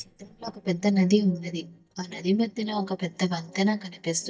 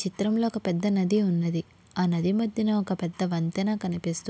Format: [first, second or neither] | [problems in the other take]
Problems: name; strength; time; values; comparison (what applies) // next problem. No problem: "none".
second | noise reduction (neural mask model DeepFilterNet 3)